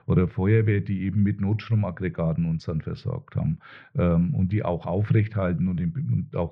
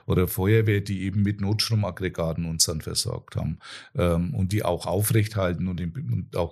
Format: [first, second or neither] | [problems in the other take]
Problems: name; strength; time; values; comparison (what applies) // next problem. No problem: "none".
second | muffled; very; fading above 2.5 kHz